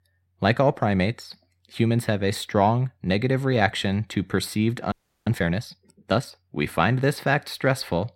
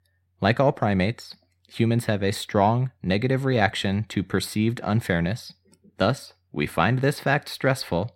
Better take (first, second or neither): second